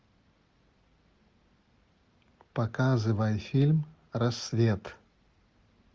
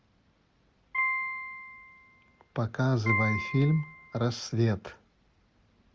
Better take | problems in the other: first | background sound (Piano); 4 dB below the speech

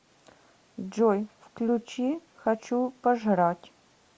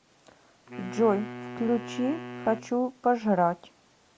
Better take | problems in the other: first | background sound (Wind instrument, woodwind instrument); 12 dB below the speech

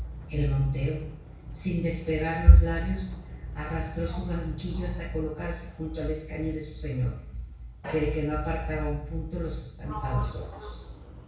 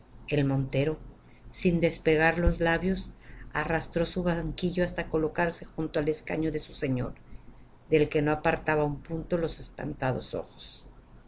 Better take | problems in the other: second | background sound (Sliding door); 20 dB below the speech // room echo; dies away in 0.6 s

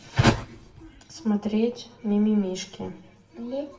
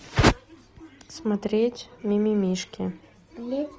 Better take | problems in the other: second | room echo; dies away in 0.5 s

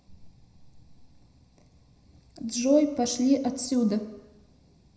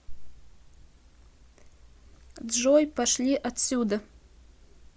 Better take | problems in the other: second | room echo; dies away in 0.6 s

